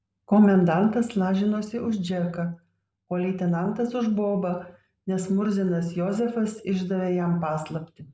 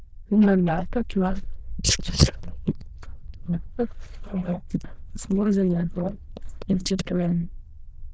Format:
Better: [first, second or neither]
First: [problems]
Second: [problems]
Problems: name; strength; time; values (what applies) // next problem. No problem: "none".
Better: first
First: none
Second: noise reduction (neural diffusion model UNIVERSE++)